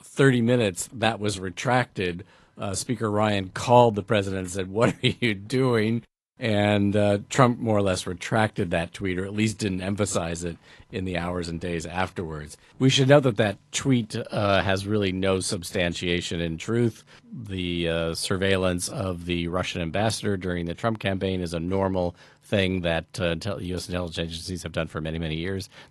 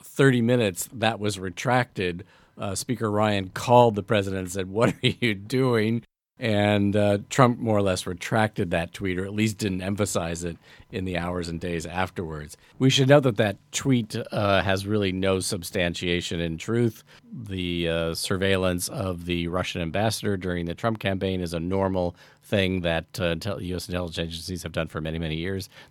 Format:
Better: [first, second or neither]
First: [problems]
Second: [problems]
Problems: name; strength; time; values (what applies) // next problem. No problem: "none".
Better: second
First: garbled, watery; slightly; nothing above 11.5 kHz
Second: none